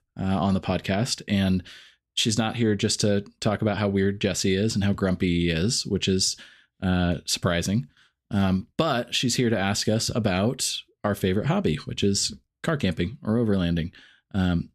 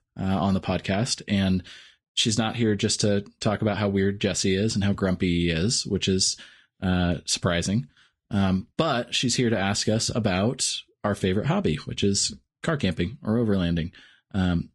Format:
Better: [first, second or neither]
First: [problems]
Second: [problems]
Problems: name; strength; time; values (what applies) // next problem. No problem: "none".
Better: first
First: none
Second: garbled, watery; slightly